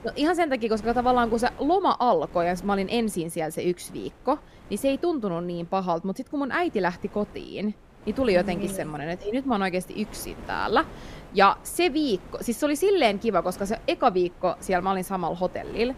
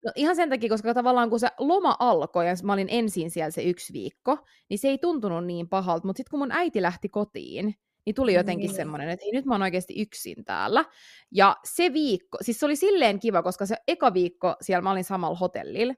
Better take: second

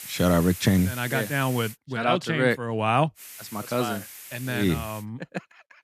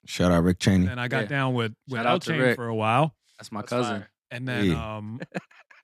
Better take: second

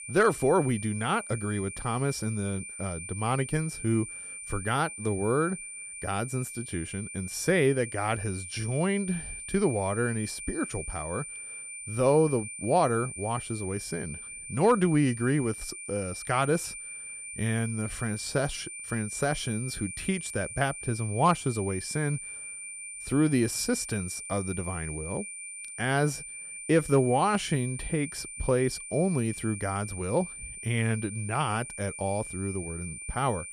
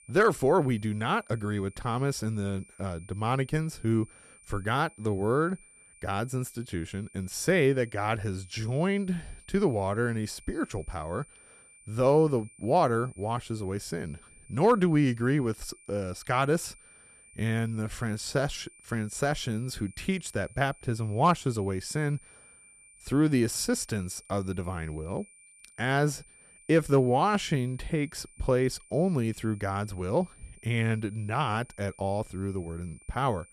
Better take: second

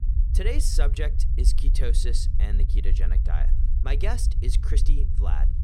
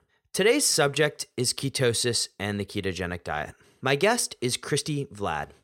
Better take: second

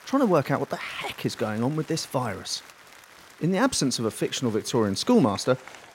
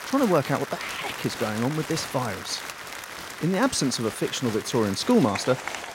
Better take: first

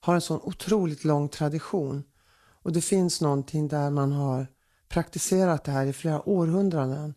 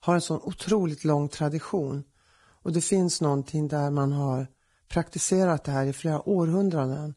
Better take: first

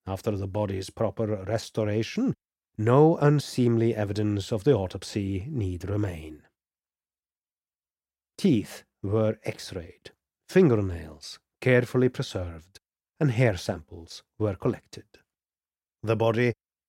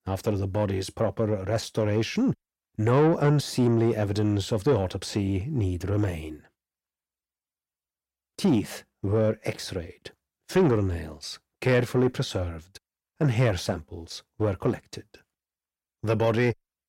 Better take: first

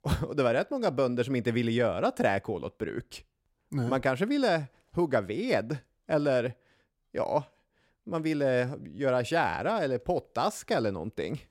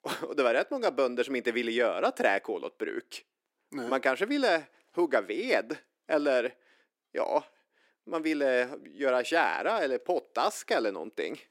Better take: first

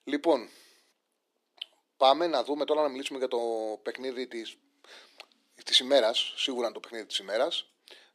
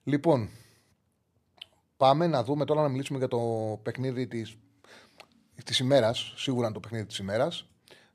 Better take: second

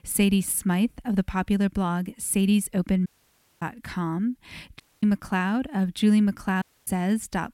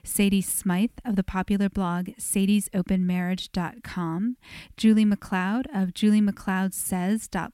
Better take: second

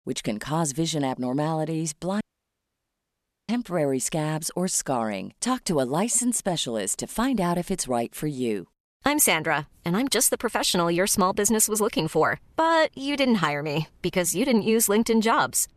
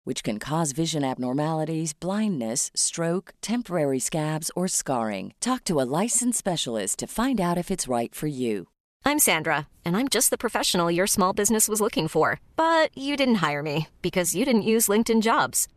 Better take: second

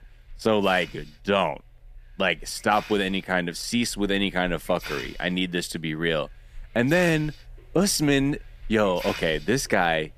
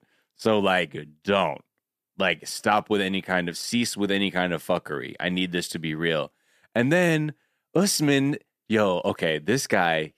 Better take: second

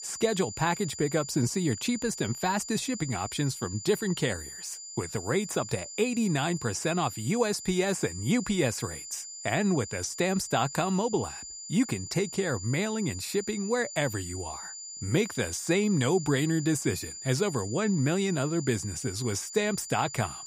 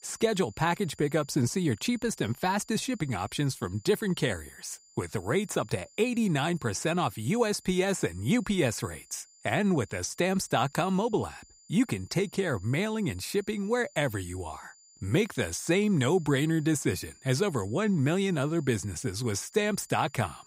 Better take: second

